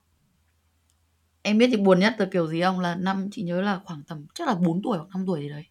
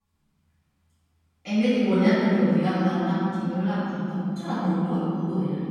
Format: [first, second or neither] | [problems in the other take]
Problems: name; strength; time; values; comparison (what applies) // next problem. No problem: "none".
first | off-mic speech; far // room echo; strong; dies away in 3 s